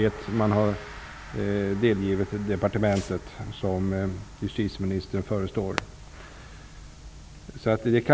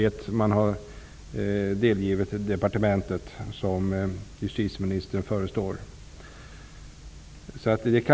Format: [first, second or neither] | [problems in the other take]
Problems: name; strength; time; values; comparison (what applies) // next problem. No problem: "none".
second | background sound (Fireworks + Gong); 18 dB below the speech